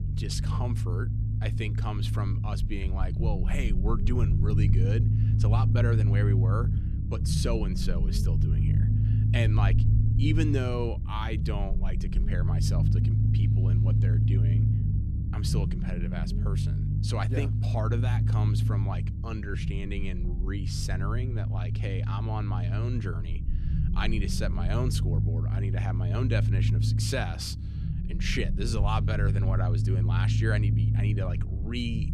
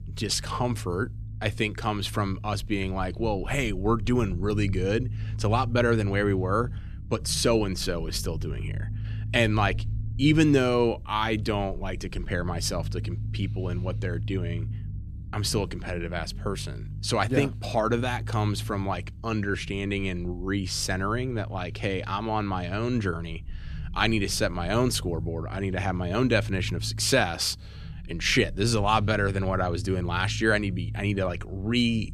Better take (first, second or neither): second